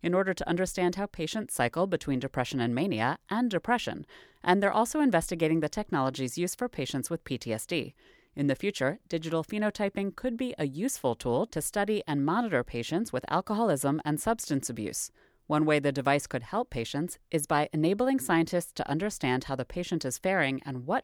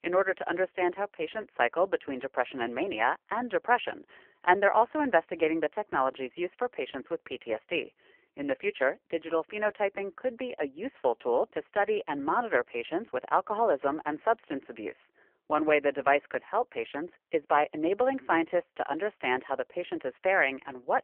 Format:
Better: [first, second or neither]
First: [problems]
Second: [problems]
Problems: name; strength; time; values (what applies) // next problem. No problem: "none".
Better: first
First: none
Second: phone-call audio; poor line